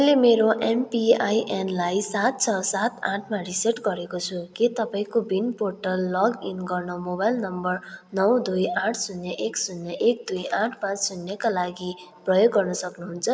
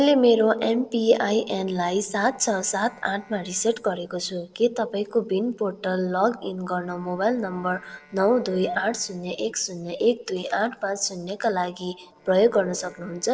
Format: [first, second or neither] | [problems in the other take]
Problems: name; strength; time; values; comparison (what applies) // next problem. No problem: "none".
first | noise reduction (neural separator model SepFormer DNS4)